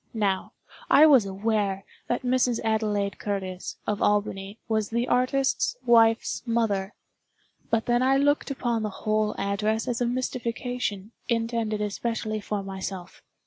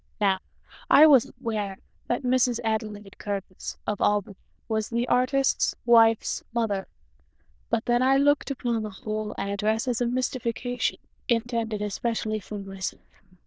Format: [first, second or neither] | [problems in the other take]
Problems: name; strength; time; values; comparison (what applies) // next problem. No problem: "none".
first | noise reduction (neural diffusion model UNIVERSE++)